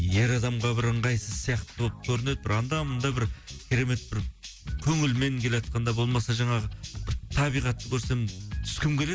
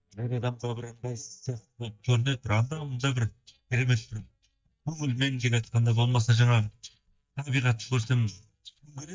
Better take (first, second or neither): first